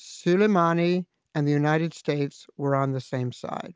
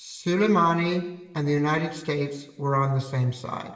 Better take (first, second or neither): first